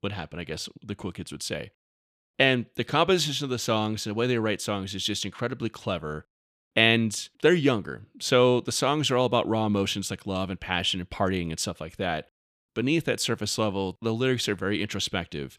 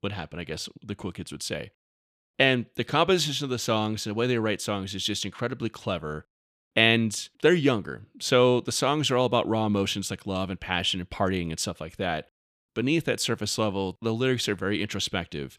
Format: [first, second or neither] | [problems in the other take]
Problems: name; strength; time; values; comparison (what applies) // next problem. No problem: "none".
neither | none